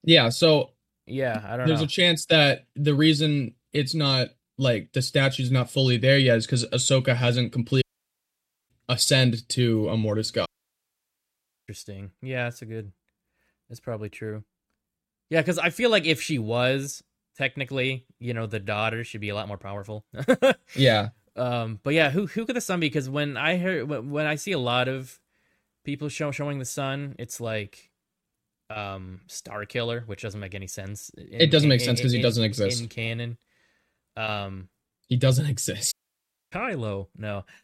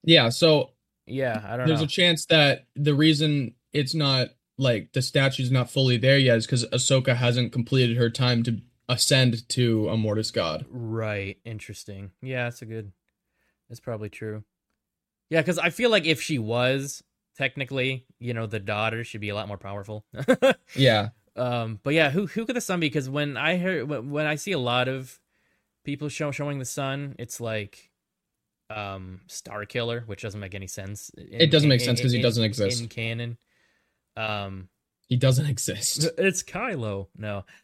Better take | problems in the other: second | audio cutting out; at 8 s for 1 s, at 10 s for 1 s and at 36 s for 0.5 s

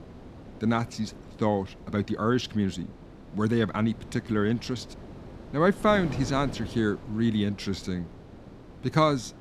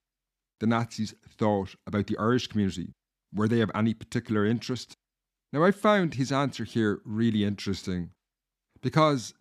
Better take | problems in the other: second | wind noise on the microphone; occasional gusts; 20 dB below the speech

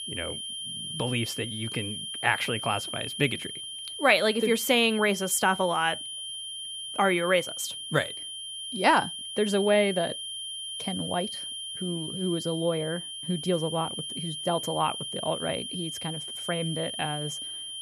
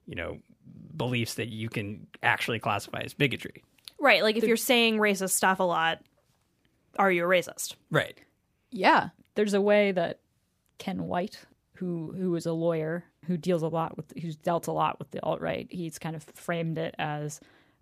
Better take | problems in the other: second | high-pitched whine; loud; throughout; 3 kHz, 6 dB below the speech

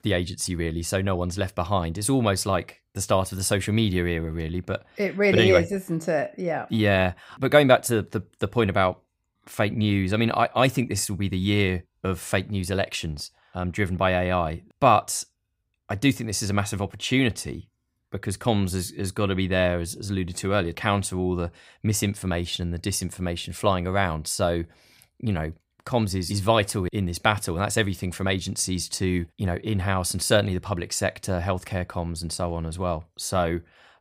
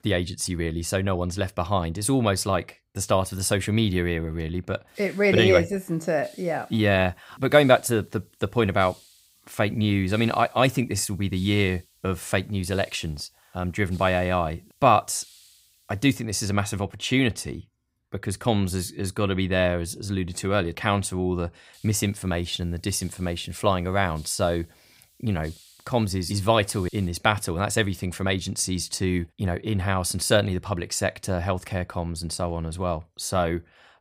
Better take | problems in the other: first | hiss; faint; from 5 to 16 s and from 22 to 27 s; 30 dB below the speech

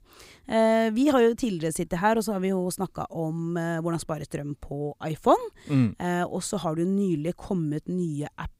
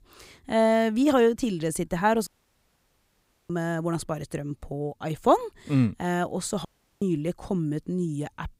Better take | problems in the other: first | audio cutting out; at 2.5 s for 1 s and at 6.5 s

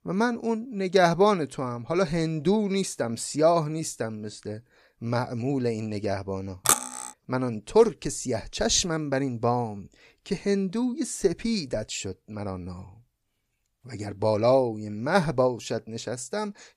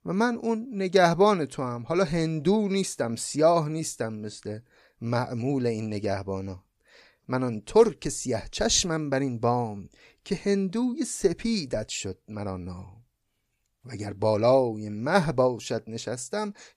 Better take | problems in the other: second | clattering dishes; loud; at 6.5 s; peak 4 dB above the speech

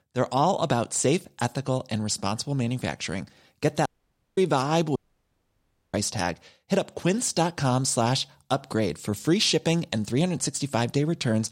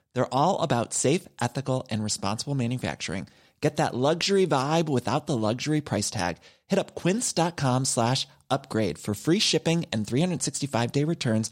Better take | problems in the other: second | audio cutting out; at 4 s for 0.5 s and at 5 s for 1 s

